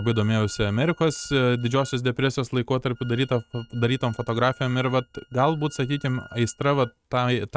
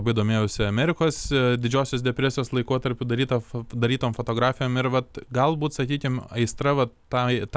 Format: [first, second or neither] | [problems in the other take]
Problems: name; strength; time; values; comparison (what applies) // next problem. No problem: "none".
second | noise reduction (neural mask model RNNoise)